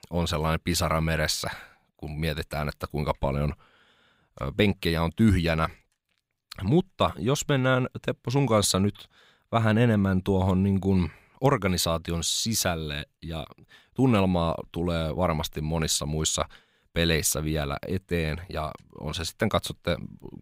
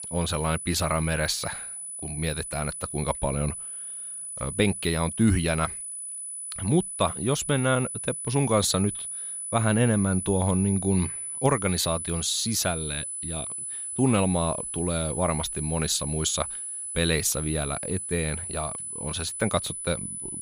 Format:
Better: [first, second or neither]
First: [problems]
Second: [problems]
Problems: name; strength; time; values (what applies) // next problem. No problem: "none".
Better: first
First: none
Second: high-pitched whine; loud; throughout; 10 kHz, 5 dB below the speech